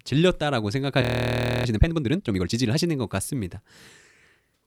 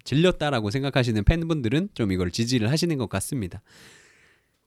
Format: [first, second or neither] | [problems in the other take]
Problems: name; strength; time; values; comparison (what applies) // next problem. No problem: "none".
second | audio freezing; at 1 s for 0.5 s